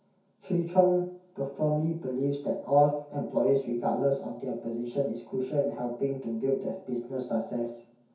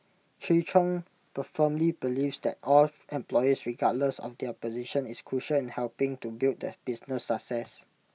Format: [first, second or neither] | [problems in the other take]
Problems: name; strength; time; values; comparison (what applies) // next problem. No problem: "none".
second | room echo; dies away in 0.6 s